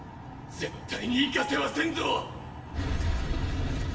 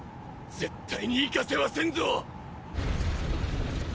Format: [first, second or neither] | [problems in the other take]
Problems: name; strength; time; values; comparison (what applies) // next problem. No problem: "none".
second | background sound (Marimba, xylophone); 15 dB below the speech // room echo; dies away in 1 s